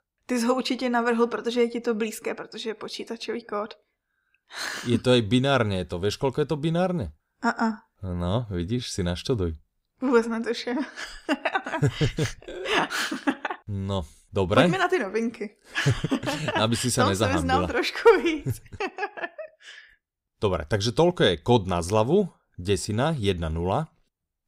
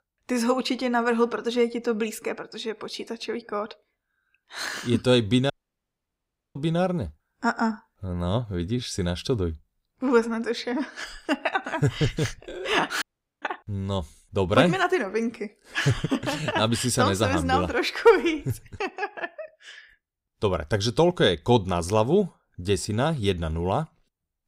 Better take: first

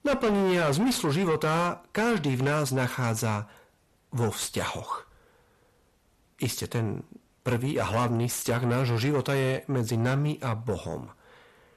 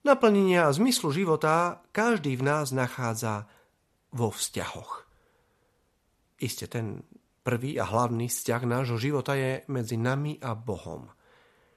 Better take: second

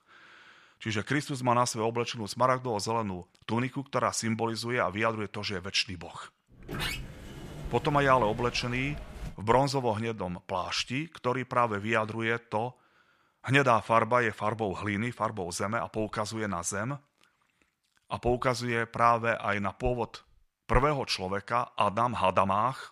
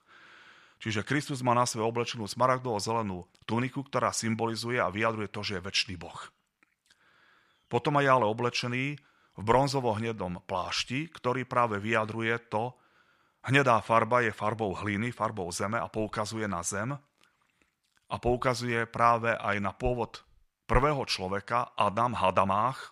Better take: second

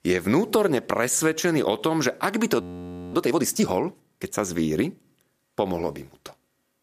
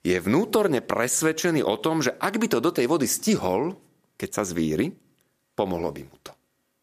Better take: second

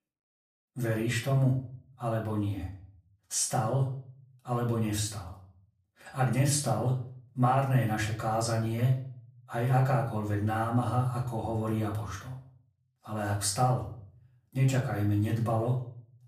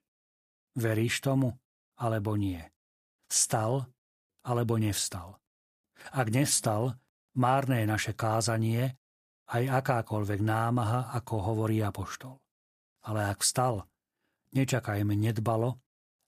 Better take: second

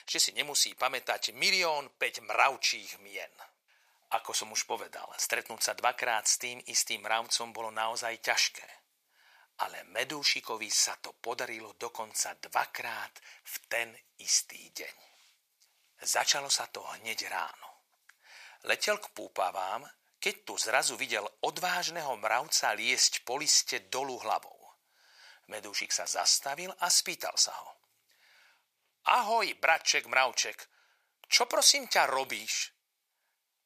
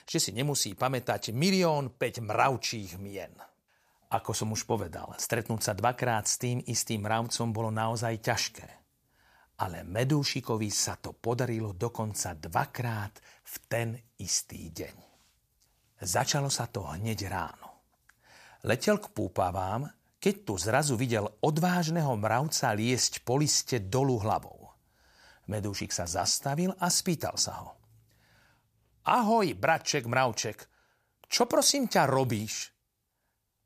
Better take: second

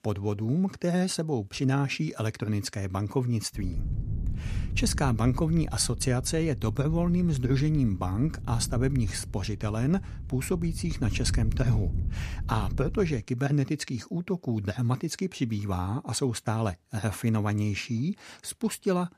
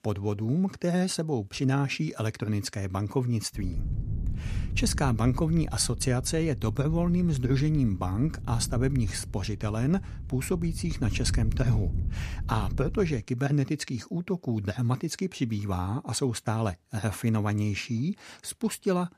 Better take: neither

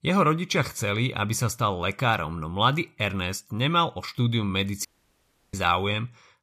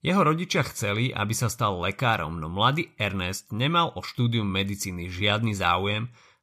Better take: second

